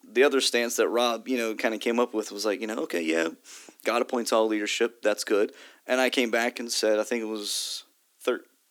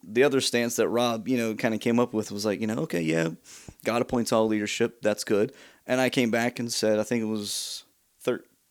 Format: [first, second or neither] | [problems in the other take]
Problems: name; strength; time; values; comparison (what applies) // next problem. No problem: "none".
second | thin; very slightly; fading below 250 Hz